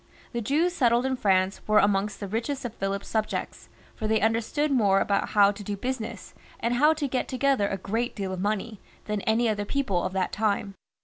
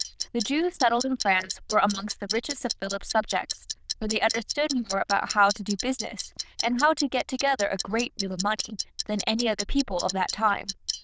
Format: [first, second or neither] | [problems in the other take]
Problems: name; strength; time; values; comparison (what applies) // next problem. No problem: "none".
first | noise reduction (neural diffusion model UNIVERSE++)